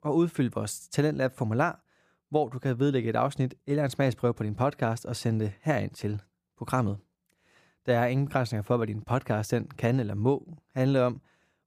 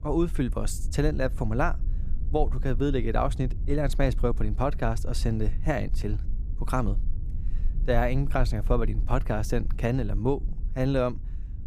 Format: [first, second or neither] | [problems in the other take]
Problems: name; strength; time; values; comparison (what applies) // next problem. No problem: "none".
first | low rumble; faint; throughout; 20 dB below the speech